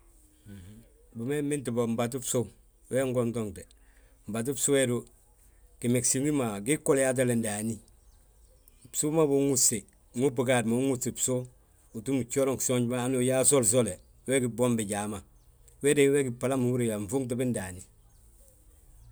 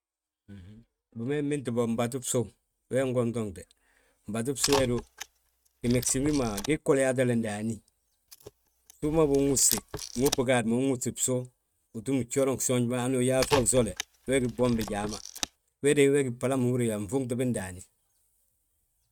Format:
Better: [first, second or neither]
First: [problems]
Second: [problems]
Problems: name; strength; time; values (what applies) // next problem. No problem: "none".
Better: first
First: none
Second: noise reduction (neural mask model RNNoise)